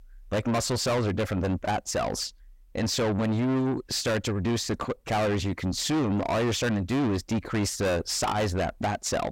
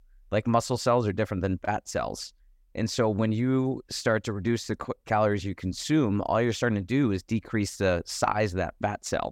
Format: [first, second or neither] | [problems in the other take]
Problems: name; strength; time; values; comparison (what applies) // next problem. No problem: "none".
second | distortion; heavy; 6 dB below the speech